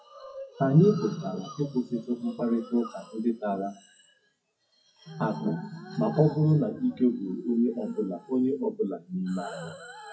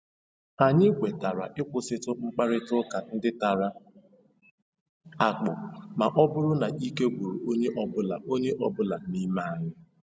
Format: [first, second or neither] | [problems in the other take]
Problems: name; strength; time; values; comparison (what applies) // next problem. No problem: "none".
second | noise reduction (classical method WPE with log-MMSE)